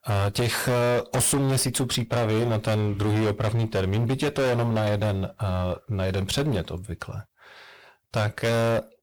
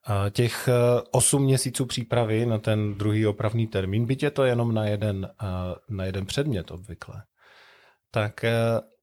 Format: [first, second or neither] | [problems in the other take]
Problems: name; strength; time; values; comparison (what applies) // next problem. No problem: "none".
second | distortion; heavy; 25% of the sound clipped